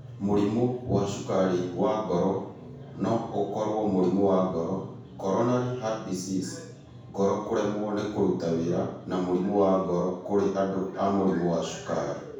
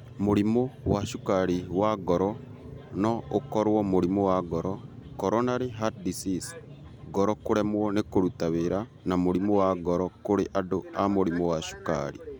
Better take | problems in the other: second | room echo; dies away in 0.7 s

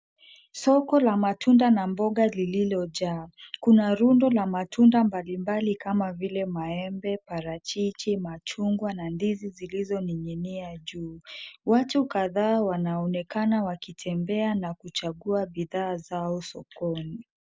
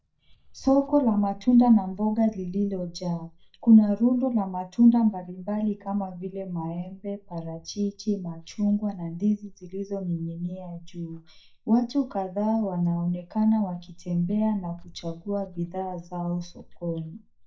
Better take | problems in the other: first | noise reduction (neural mask model DeepFilterNet 3)

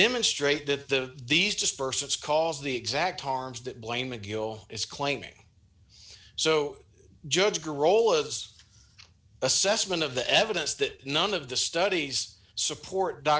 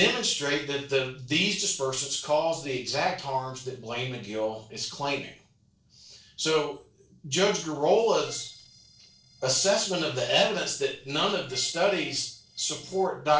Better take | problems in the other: first | noise reduction (neural separator model SepFormer DNS4)

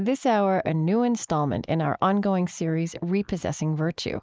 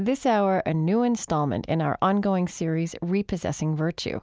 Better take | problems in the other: second | noise reduction (neural mask model Resemble Enhance denoiser)

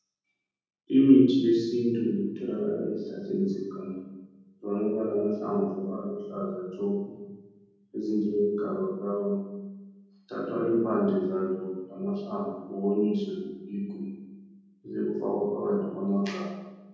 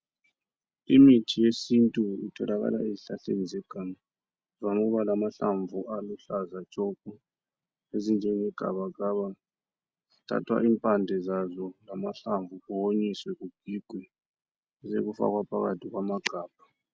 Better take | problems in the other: second | room echo; dies away in 1.3 s

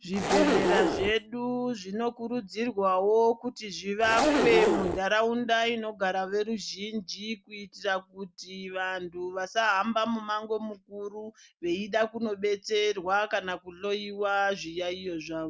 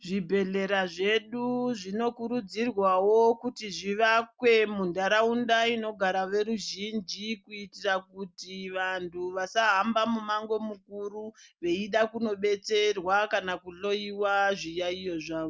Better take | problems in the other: second | background sound (Zipper (clothing)); 3 dB above the speech

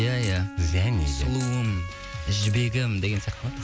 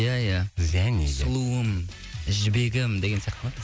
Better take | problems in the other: second | background sound (Coin (dropping) + Wind instrument, woodwind instrument); 15 dB below the speech

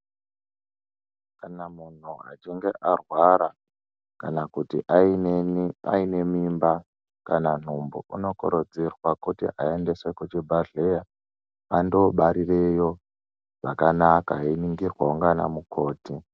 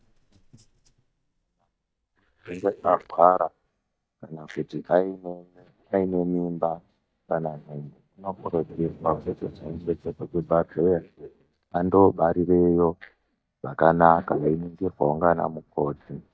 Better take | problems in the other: first | noise reduction (neural mask model DeepFilterNet 3)

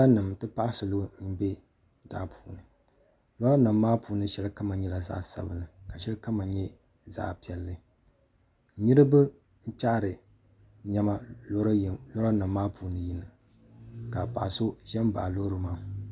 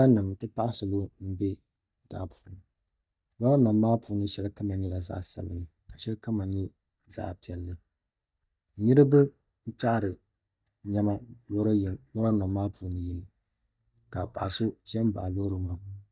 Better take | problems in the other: first | noise reduction (neural mask model DeepFilterNet 3)

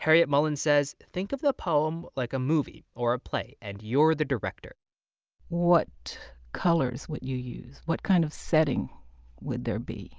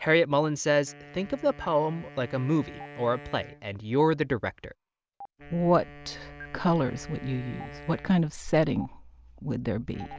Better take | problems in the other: first | background sound (Stream + Wind instrument, woodwind instrument); 19 dB below the speech

